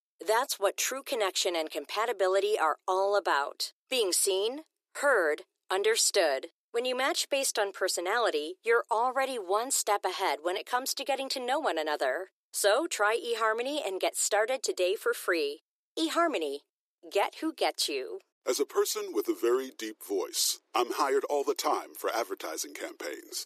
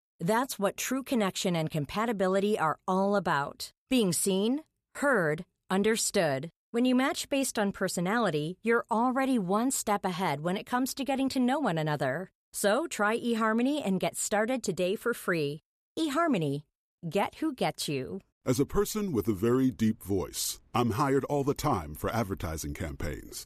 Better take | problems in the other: second | thin; very; fading below 350 Hz

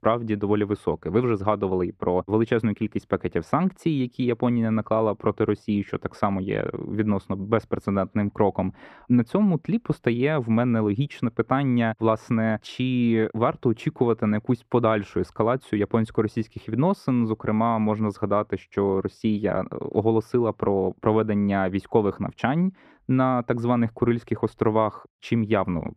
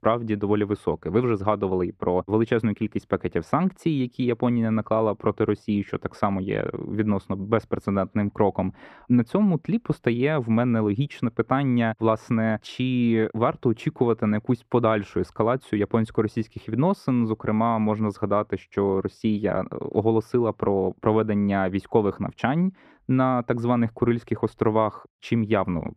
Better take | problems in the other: neither | muffled; very; fading above 3.5 kHz; the same in both

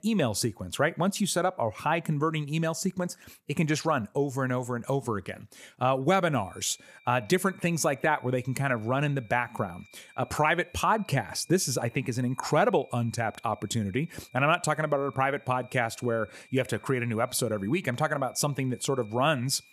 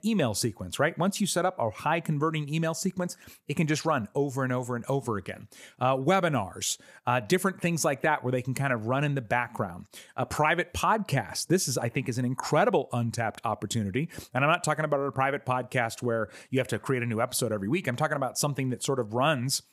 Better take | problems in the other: second | high-pitched whine; faint; from 6.5 s on; 2.5 kHz, 30 dB below the speech

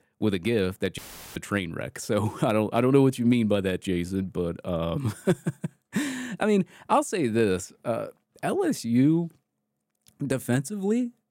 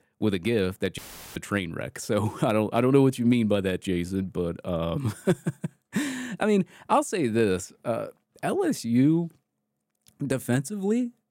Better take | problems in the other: neither | audio cutting out; filled with static; at 1 s; the same in both

